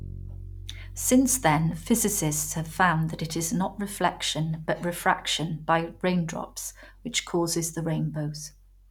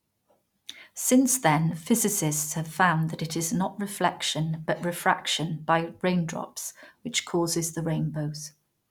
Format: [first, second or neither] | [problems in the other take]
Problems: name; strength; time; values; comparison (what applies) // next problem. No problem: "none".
second | background sound (Bass guitar); 18 dB below the speech